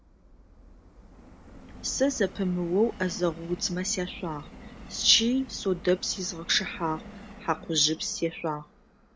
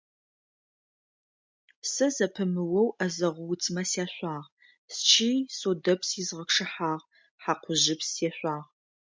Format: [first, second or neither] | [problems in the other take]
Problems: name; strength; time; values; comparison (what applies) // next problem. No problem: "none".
second | background sound (Subway, metro, underground); 16 dB below the speech